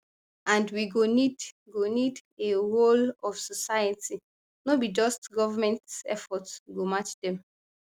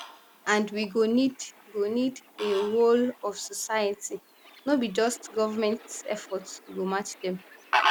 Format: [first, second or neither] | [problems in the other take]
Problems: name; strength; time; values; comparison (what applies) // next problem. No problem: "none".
first | background sound (Fowl); 8 dB below the speech